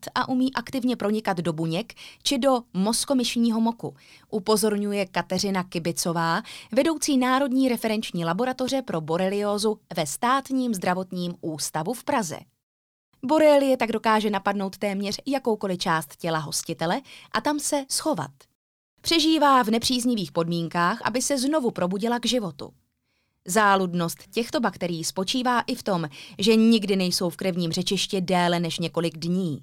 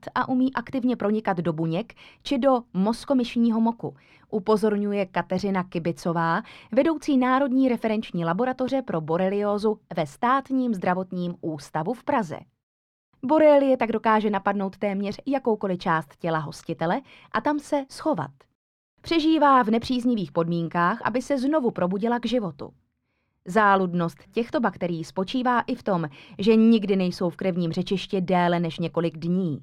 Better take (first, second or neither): first